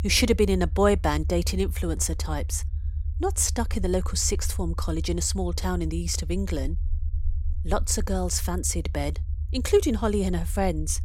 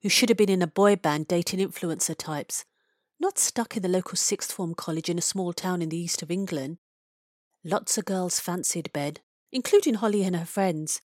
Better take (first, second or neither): second